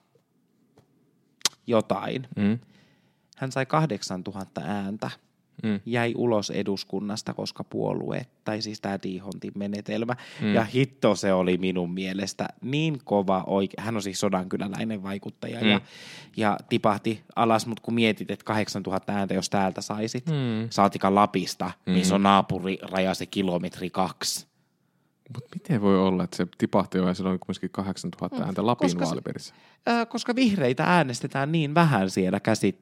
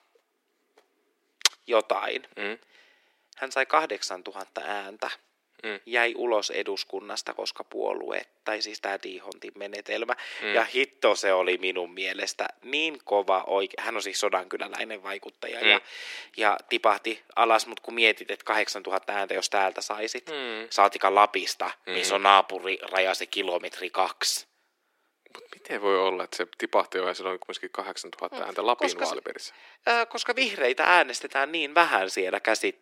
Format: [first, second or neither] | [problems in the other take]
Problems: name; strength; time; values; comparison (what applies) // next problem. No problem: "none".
first | thin; very; fading below 350 Hz